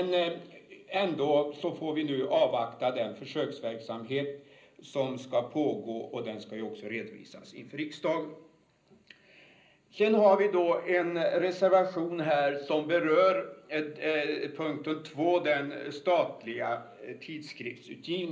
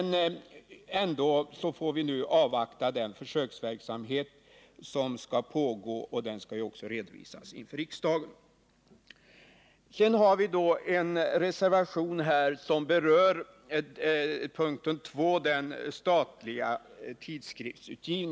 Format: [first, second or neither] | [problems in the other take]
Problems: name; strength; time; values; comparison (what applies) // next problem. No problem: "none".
second | room echo; dies away in 0.5 s